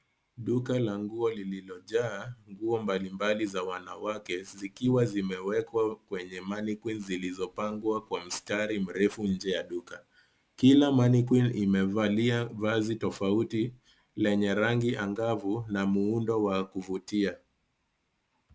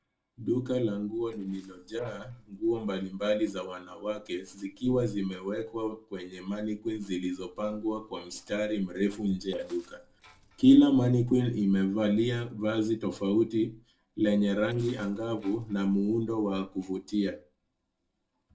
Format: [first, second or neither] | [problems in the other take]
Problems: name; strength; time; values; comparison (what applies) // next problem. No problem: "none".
first | noise reduction (neural separator model SepFormer DNS4)